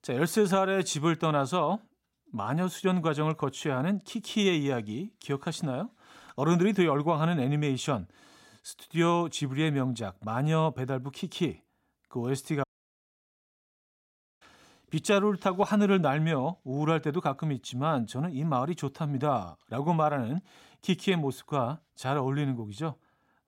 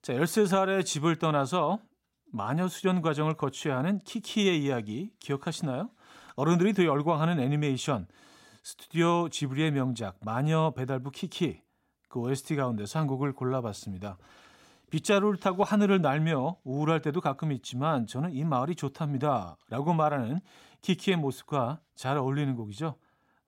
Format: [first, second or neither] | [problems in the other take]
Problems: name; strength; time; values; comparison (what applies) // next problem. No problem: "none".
second | audio cutting out; at 13 s for 2 s